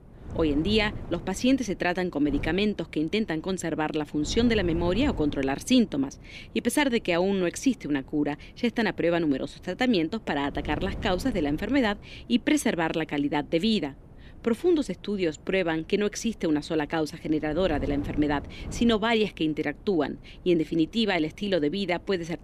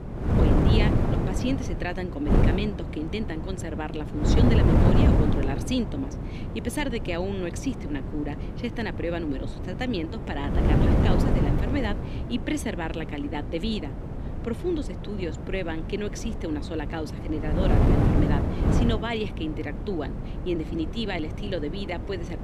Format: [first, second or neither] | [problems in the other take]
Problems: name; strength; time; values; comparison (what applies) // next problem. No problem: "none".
first | wind noise on the microphone; heavy; 1 dB below the speech; occasional gusts in the first